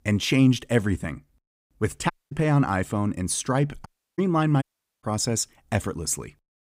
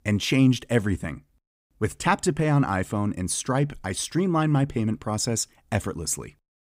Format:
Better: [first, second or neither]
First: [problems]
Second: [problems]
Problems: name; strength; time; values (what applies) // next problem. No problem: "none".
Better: second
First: audio cutting out; at 2 s, at 4 s and at 4.5 s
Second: none